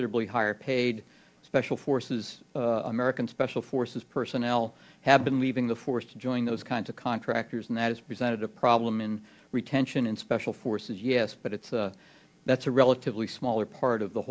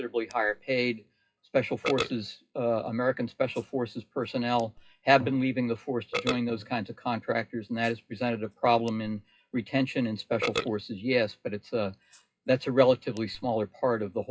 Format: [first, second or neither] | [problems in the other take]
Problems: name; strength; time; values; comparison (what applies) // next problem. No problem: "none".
first | noise reduction (classical method WPE with log-MMSE)